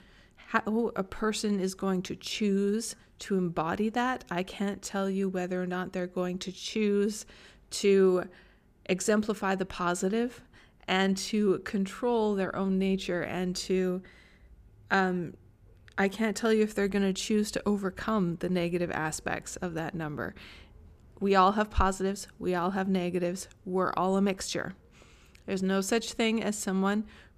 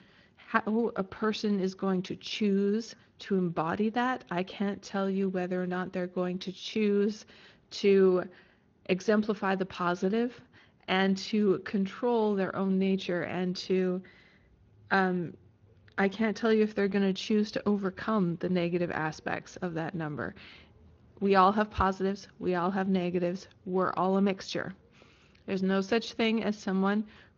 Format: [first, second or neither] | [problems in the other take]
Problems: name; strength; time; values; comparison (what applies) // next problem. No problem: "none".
first | garbled, watery; slightly; nothing above 6.5 kHz